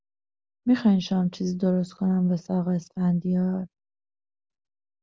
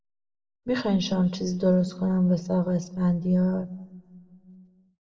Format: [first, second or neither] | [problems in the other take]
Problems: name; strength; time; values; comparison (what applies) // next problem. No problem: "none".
first | room echo; dies away in 0.8 s